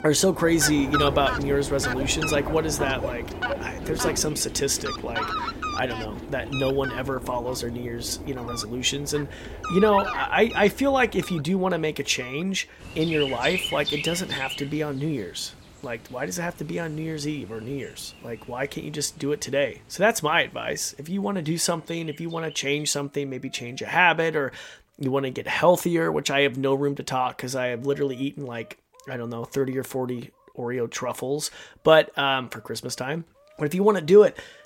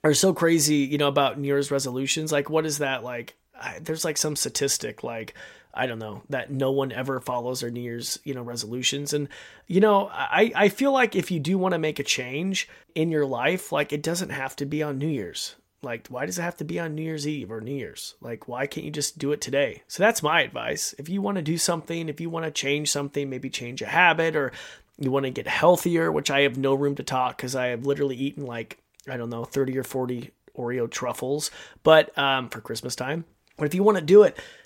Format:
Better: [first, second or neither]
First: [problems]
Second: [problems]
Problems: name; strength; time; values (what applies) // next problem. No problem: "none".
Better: second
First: animal sounds; loud; throughout; 7 dB below the speech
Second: none